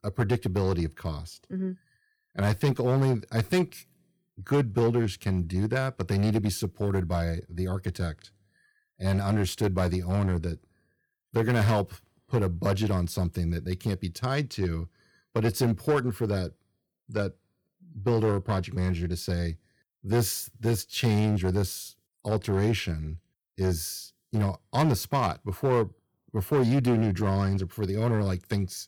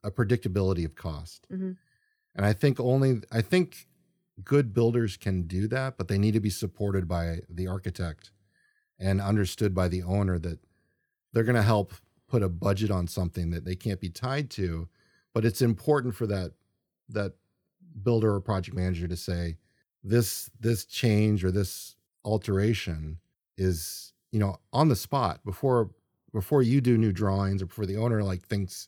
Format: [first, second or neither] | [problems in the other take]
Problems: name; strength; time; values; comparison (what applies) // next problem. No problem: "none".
second | distortion; slight; 5% of the sound clipped